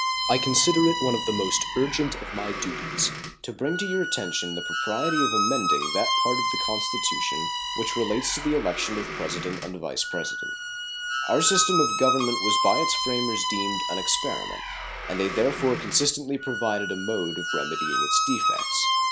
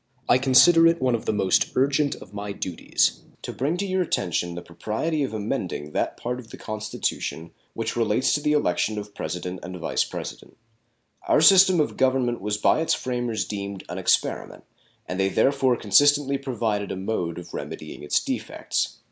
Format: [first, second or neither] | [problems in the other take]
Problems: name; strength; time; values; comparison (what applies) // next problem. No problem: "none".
second | background sound (Squeak); 1 dB below the speech